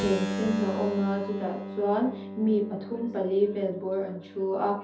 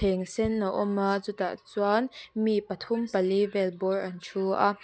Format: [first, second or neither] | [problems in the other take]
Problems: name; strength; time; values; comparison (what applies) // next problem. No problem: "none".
second | background sound (Keyboard (musical)); 7 dB below the speech // room echo; dies away in 0.5 s